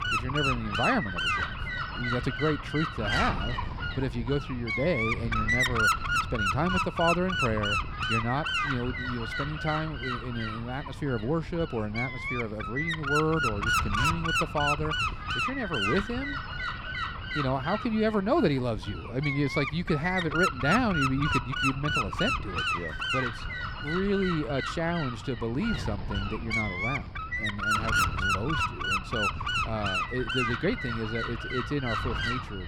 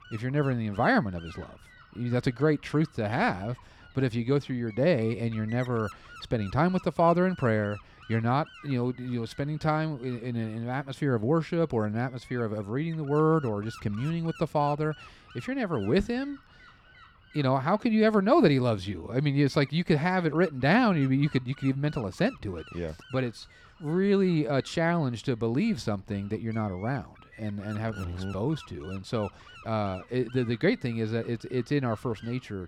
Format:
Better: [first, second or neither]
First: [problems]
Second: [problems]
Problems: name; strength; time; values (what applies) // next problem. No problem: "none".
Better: second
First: wind noise on the microphone; heavy; 5 dB above the speech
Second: wind noise on the microphone; occasional gusts; 20 dB below the speech